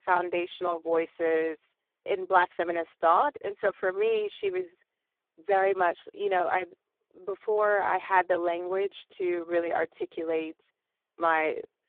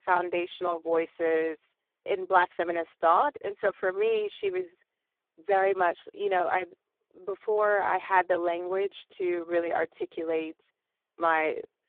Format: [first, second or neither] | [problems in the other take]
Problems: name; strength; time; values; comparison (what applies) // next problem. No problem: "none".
neither | phone-call audio; poor line; nothing above 3.5 kHz; the same in both